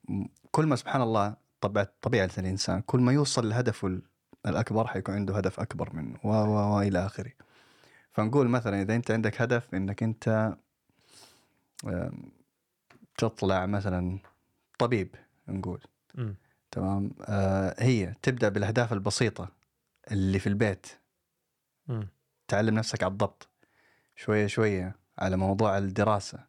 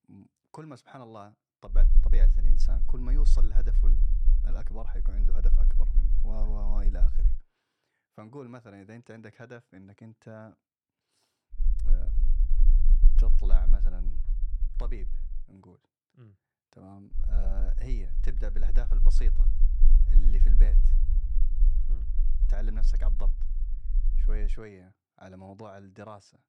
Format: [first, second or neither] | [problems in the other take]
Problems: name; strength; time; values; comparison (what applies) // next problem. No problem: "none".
first | low rumble; loud; from 1.5 to 7.5 s, from 12 to 15 s and from 17 to 25 s; 7 dB below the speech